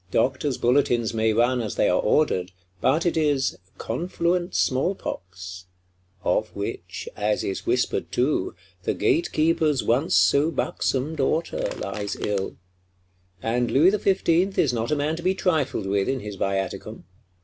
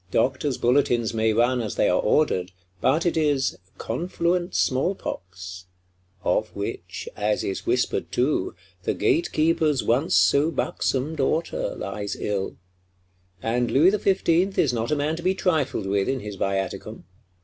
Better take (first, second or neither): second